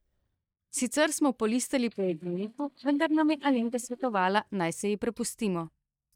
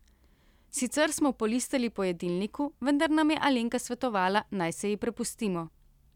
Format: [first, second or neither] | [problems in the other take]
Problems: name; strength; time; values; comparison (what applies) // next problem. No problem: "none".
second | noise reduction (neural mask model DeepFilterNet 3)